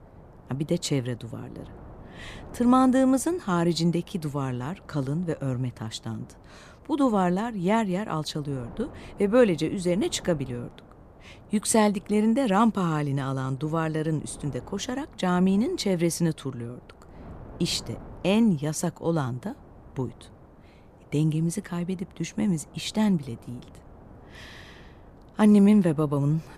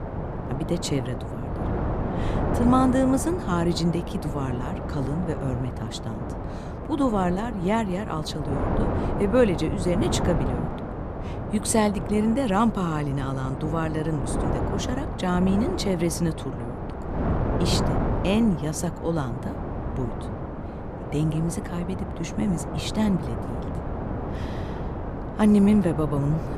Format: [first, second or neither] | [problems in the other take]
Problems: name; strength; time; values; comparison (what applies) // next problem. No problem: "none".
first | wind noise on the microphone; heavy; 5 dB below the speech; occasional gusts in the first